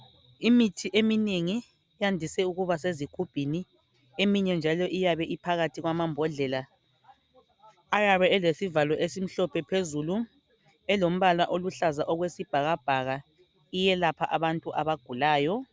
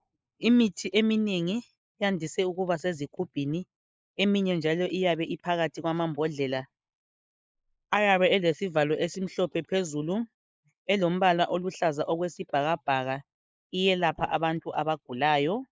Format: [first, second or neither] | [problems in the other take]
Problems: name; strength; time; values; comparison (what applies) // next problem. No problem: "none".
first | noise reduction (neural mask model Resemble Enhance denoiser)